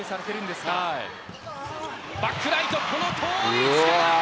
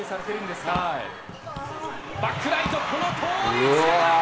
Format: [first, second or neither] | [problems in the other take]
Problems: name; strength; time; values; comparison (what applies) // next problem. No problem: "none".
first | background sound (Raindrop / Drip); 18 dB below the speech // room echo; dies away in 1.8 s